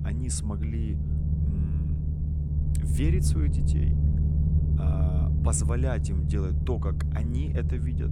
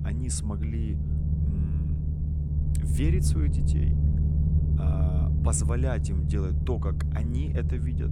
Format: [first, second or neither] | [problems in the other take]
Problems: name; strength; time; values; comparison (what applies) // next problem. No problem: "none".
neither | low rumble; loud; throughout; 2 dB below the speech; the same in both